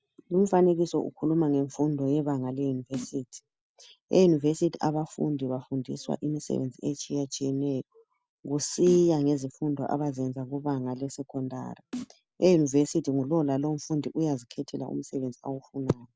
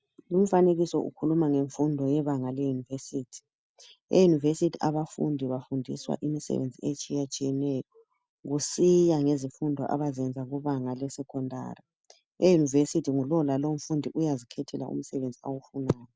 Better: second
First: background sound (Snare drum); 13 dB below the speech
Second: none

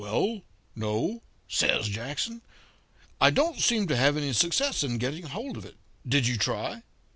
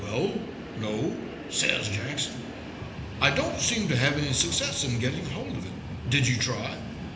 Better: first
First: none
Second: background sound (Train); 8 dB below the speech // room echo; dies away in 1 s

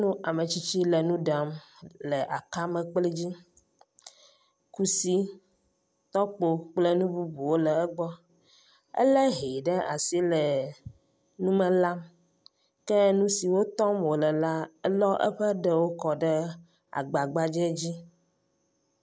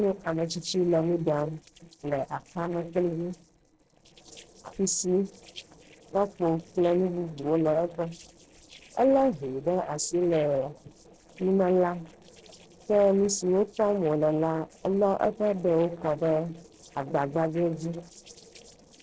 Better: first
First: none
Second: noise reduction (neural separator model SepFormer DNS4)

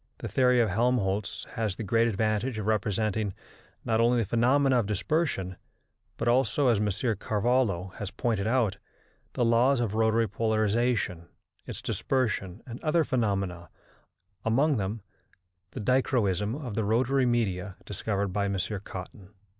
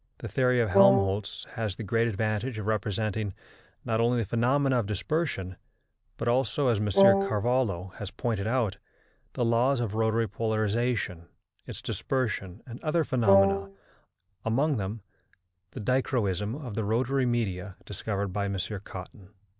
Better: first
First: none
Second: background sound (Wind instrument, woodwind instrument); 4 dB above the speech

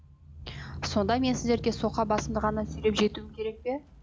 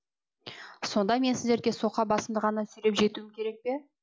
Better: second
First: background sound (Engine starting / Accelerating, revving, vroom / Motor vehicle (road)); 10 dB below the speech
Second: none

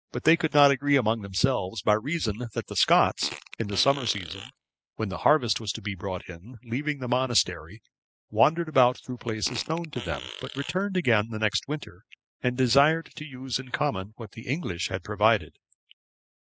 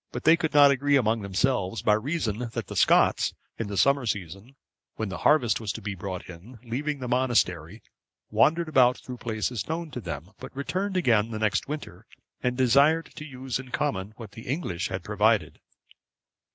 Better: second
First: noise reduction (classical method spectral subtraction)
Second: none

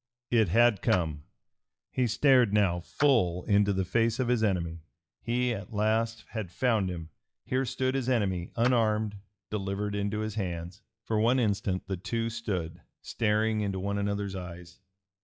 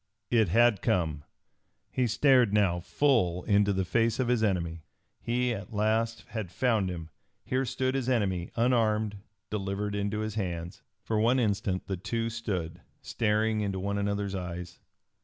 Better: second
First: noise reduction (classical method log-MMSE)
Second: none

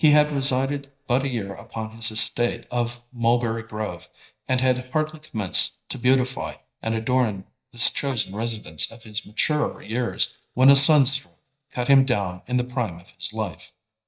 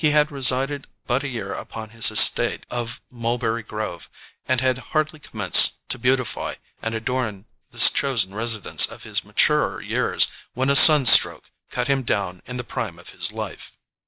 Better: second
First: noise reduction (neural mask model DeepFilterNet 3)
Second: none

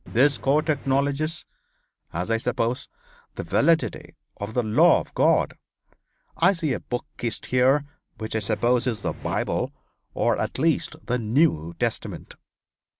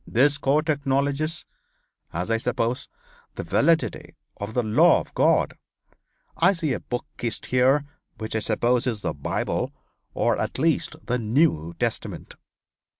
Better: second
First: background sound (Engine); 16 dB below the speech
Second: none

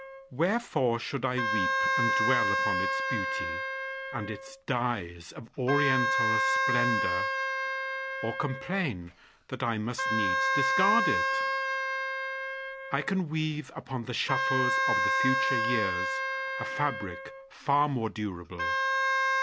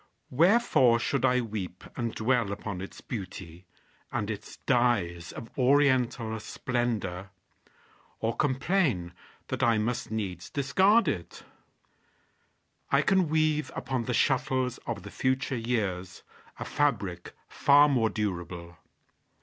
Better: second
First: background sound (Wind instrument, woodwind instrument); 2 dB above the speech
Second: none

